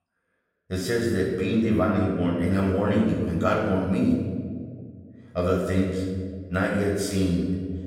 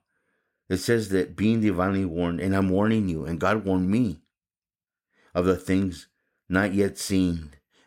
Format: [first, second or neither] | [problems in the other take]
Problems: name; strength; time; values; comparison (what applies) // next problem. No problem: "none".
second | room echo; noticeable; dies away in 1.6 s // off-mic speech; far